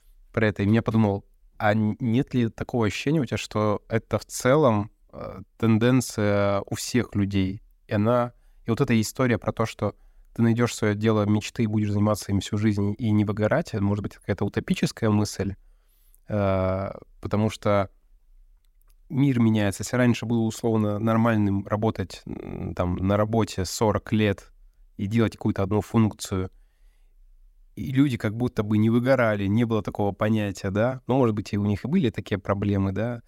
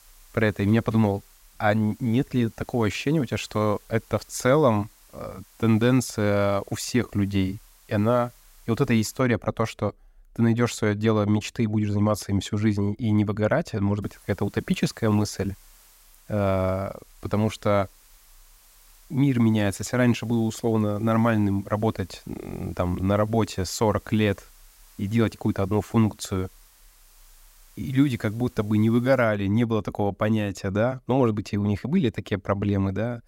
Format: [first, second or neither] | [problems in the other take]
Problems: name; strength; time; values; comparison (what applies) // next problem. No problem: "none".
first | hiss; faint; until 9 s and from 14 to 29 s; 30 dB below the speech